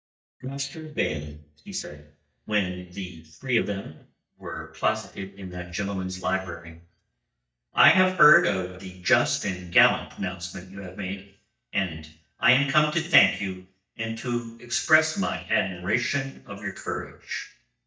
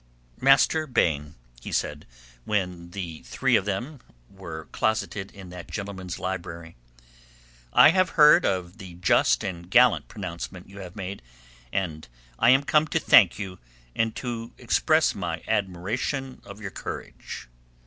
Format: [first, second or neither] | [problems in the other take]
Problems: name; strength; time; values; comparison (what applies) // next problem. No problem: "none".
second | noise reduction (neural mask model DeepFilterNet 3)